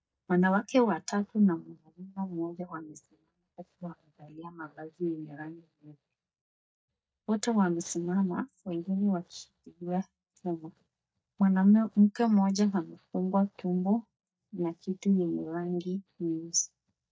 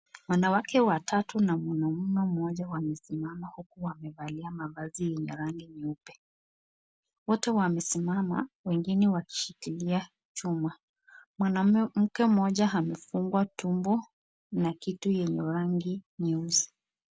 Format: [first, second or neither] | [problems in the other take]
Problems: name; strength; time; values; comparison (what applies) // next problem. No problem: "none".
second | noise reduction (neural mask model DeepFilterNet 3)